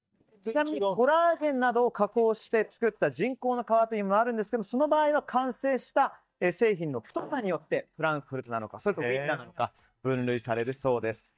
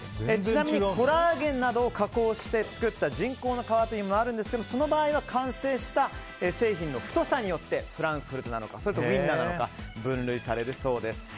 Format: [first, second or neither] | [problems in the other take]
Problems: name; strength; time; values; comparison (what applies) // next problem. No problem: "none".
second | noise reduction (neural mask model DeepFilterNet 3)